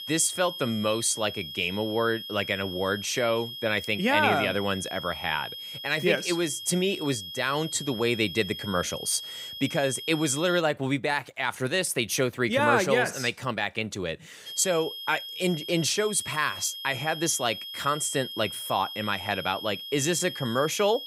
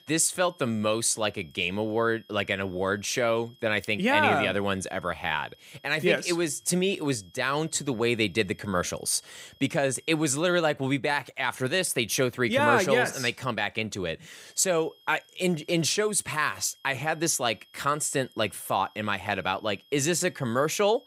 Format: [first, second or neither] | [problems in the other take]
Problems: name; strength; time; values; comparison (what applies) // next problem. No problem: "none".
second | high-pitched whine; loud; until 11 s and from 14 s on; 3.5 kHz, 9 dB below the speech; faint in the second